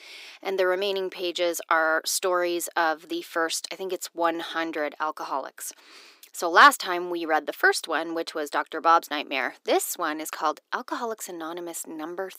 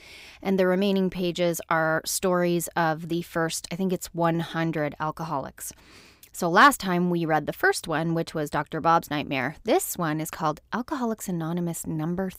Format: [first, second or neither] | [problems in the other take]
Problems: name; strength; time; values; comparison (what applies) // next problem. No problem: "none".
second | thin; very; fading below 300 Hz